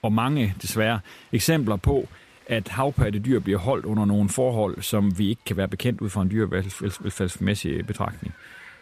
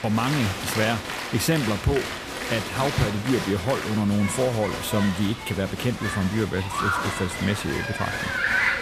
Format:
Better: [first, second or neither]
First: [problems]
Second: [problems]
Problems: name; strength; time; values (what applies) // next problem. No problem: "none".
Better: first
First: crowd noise; faint; throughout; 30 dB below the speech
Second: crowd noise; loud; throughout; 3 dB below the speech